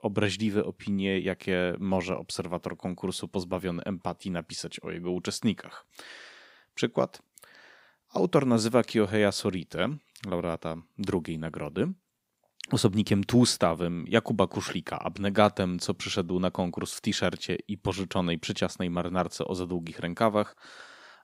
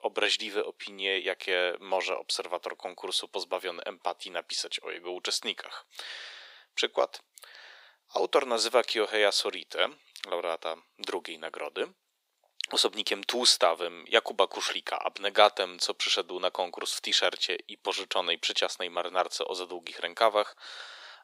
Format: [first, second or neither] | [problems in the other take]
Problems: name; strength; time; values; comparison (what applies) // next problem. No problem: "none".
first | thin; very; fading below 450 Hz